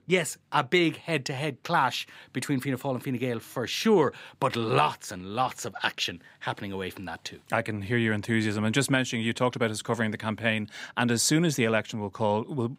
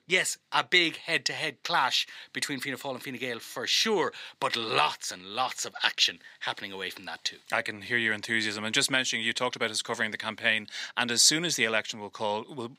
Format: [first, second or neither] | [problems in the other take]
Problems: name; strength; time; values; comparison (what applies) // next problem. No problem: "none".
first | thin; somewhat; fading below 1 kHz